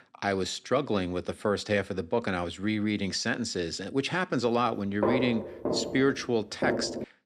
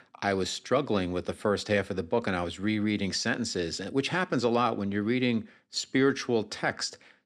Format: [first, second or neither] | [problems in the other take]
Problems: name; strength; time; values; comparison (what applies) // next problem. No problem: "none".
second | footsteps; loud; from 5 s on; peak level with the speech